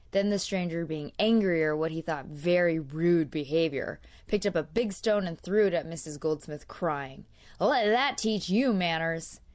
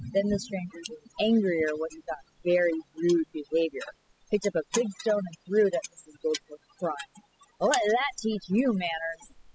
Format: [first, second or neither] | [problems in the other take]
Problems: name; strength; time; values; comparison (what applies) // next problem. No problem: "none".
first | noise reduction (classical method spectral subtraction)